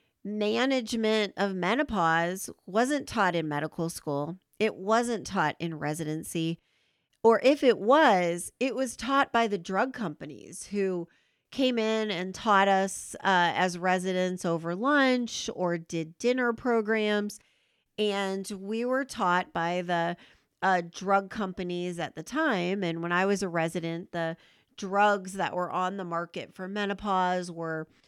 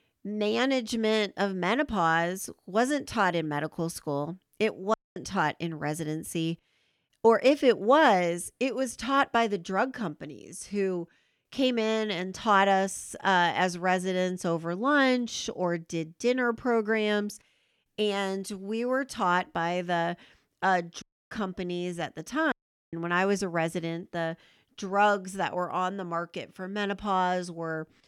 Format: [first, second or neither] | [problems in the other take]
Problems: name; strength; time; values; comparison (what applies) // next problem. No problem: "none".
first | audio cutting out; at 5 s, at 21 s and at 23 s